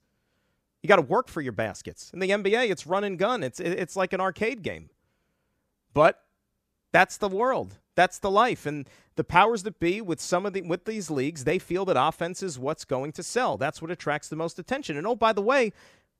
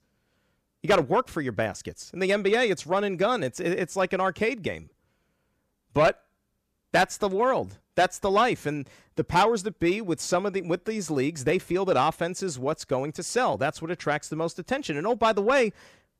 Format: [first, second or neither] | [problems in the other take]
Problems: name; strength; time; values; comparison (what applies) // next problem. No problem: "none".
first | distortion; slight; 10 dB below the speech